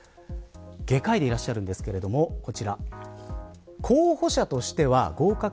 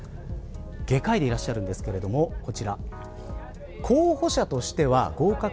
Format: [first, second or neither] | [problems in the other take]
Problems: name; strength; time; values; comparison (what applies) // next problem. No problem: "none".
first | background sound (Boat, Water vehicle); 12 dB below the speech